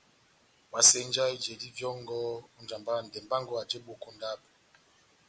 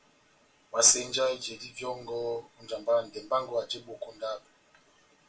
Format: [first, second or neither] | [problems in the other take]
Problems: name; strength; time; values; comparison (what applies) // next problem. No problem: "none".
first | room echo; dies away in 0.2 s